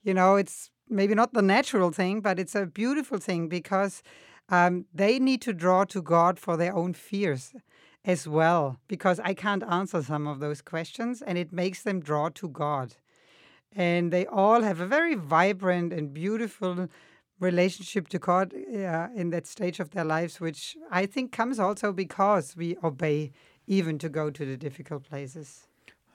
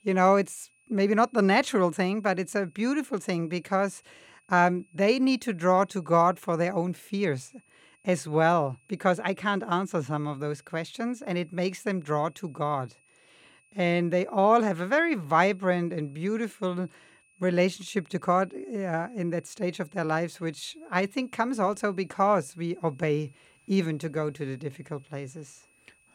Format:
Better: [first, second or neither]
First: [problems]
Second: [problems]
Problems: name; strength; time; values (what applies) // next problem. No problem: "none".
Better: first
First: none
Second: high-pitched whine; faint; throughout; 2.5 kHz, 35 dB below the speech